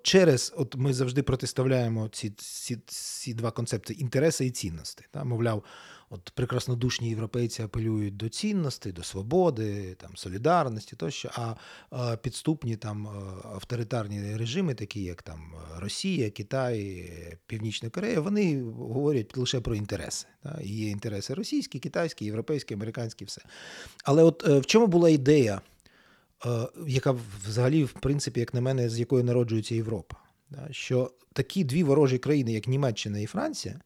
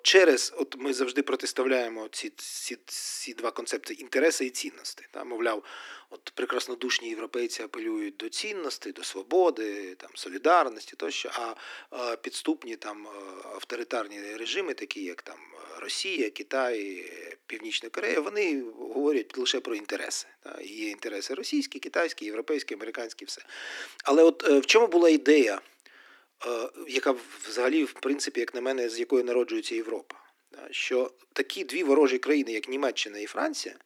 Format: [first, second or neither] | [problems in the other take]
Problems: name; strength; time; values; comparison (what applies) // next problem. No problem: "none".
first | thin; somewhat; fading below 250 Hz